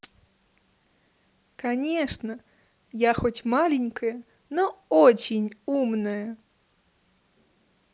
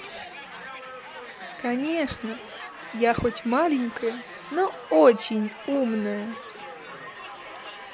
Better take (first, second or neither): first